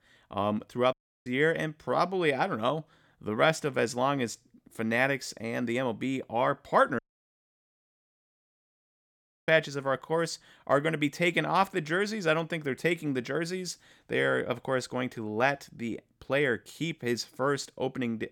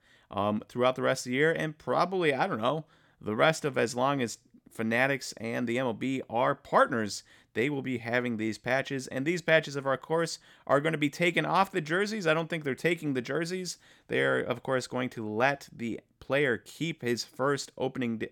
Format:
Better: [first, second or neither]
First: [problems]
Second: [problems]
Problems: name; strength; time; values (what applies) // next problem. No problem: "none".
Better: second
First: audio cutting out; at 1 s and at 7 s for 2.5 s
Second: none